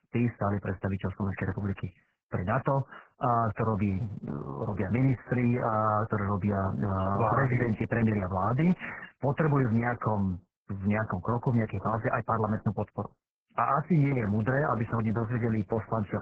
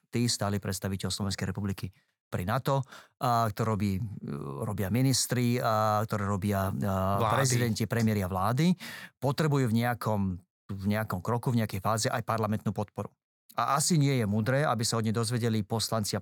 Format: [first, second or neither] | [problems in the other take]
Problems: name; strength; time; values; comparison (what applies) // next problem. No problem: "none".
second | garbled, watery; badly